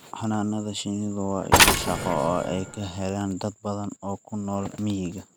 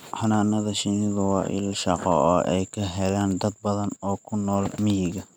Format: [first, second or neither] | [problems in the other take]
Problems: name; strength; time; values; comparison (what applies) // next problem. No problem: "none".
second | background sound (Mechanisms); 5 dB above the speech